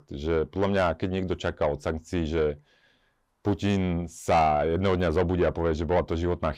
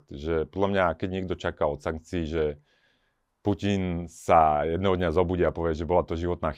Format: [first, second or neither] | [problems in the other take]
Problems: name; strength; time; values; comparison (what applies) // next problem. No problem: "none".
second | distortion; slight; 10 dB below the speech